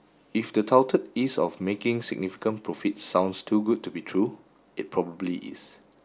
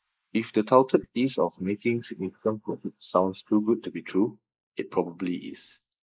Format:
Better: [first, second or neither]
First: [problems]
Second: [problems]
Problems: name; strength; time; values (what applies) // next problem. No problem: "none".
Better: first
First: none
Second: noise reduction (neural mask model Resemble Enhance denoiser)